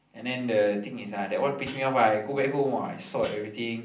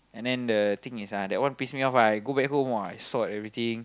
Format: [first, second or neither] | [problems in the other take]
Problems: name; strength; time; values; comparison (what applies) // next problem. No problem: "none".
second | background sound (Hi-hat); 17 dB below the speech // room echo; dies away in 0.6 s